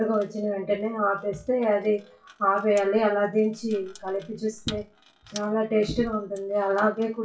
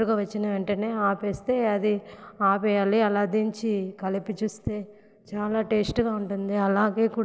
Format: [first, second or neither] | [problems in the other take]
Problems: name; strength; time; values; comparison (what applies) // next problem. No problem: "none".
second | noise reduction (classical method WPE with log-MMSE)